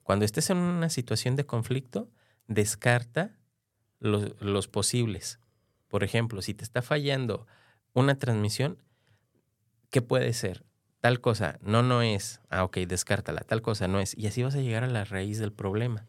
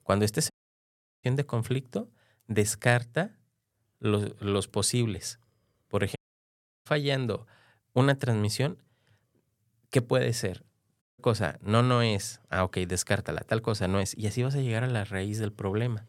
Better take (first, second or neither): first